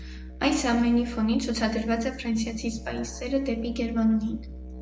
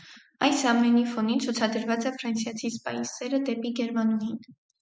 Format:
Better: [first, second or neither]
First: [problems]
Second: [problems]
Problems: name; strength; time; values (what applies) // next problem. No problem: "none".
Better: second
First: background sound (Musical instrument); 12 dB below the speech // room echo; dies away in 0.6 s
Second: none